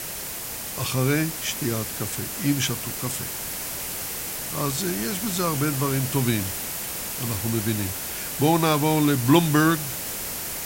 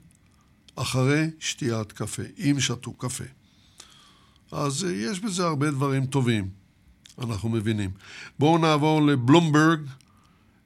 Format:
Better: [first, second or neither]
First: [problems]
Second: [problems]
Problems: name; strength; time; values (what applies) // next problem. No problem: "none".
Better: second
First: hiss; loud; throughout; 4 dB below the speech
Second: none